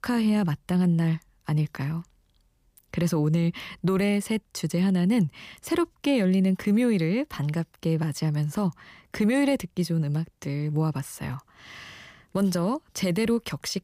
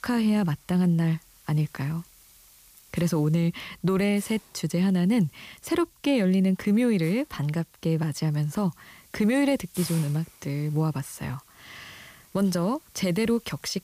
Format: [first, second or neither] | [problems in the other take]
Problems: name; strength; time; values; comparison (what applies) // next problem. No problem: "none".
first | hiss; faint; throughout; 25 dB below the speech